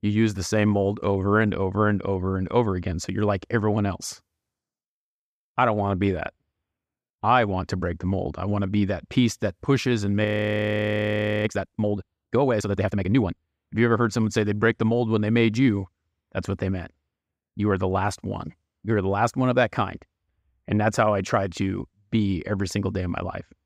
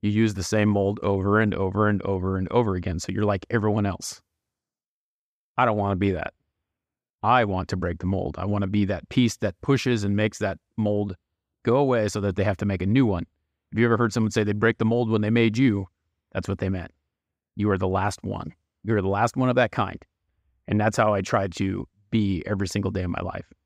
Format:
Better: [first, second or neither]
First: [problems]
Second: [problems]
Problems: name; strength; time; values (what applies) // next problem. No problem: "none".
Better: second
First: audio freezing; at 10 s for 1 s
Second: none